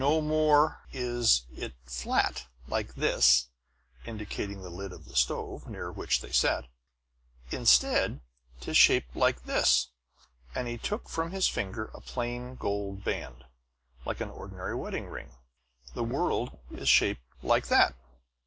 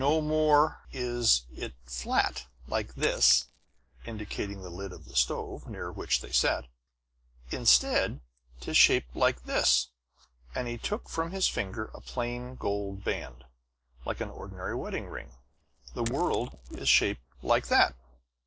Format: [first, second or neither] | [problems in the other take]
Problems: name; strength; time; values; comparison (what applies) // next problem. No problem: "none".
first | noise reduction (neural separator model SepFormer DNS4)